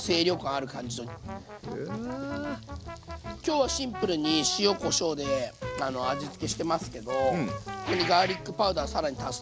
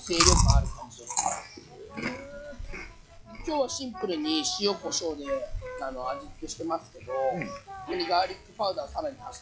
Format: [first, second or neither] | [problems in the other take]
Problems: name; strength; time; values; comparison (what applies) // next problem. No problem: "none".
first | noise reduction (classical method log-MMSE)